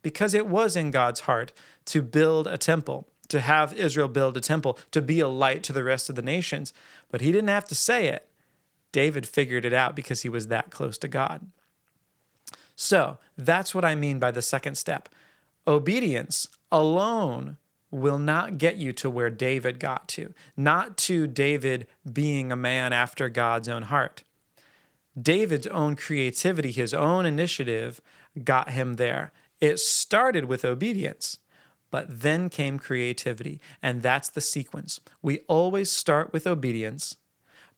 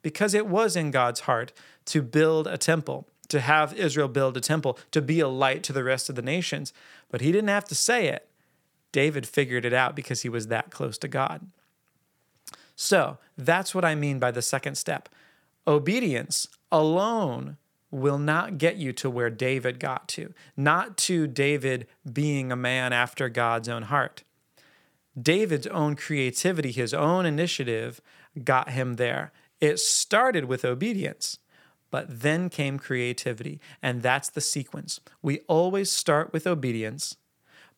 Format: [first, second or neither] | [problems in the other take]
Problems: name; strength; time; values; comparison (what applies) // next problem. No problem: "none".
second | garbled, watery; slightly